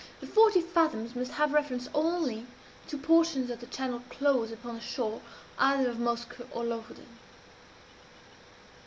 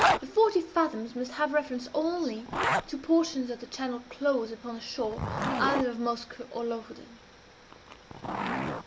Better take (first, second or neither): first